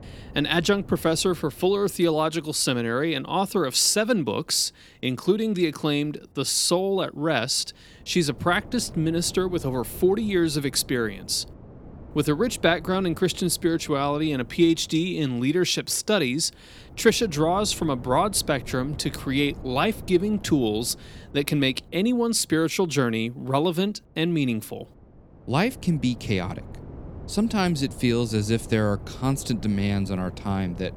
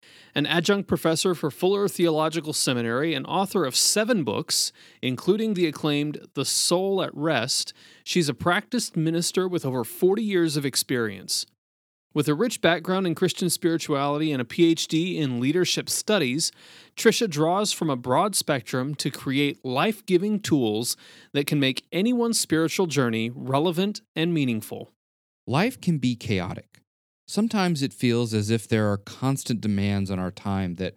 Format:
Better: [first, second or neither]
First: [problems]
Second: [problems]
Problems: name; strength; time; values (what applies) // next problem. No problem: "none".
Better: second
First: wind noise on the microphone; occasional gusts; 25 dB below the speech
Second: none